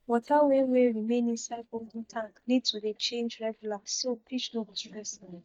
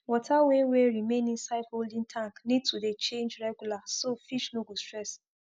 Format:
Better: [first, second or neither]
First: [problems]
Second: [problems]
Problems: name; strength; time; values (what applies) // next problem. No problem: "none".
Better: second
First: noise reduction (neural mask model DeepFilterNet 3)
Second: none